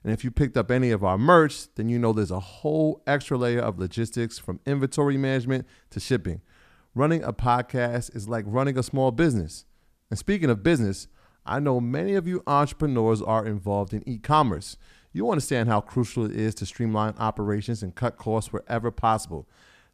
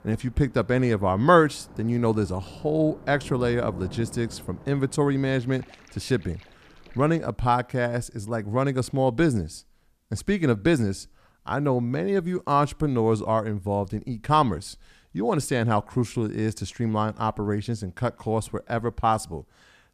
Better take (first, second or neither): first